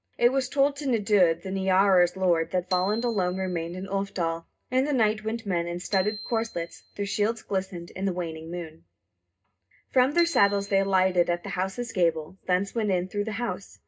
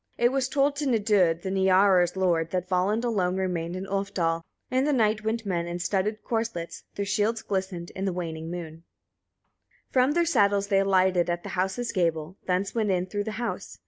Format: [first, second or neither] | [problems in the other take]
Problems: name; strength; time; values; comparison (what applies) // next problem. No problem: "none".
second | background sound (Bicycle bell); 17 dB below the speech // room echo; dies away in 0.2 s